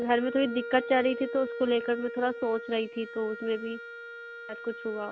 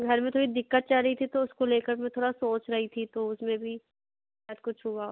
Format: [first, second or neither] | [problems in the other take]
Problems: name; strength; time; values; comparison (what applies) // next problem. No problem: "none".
second | background sound (Wind instrument, woodwind instrument); 10 dB below the speech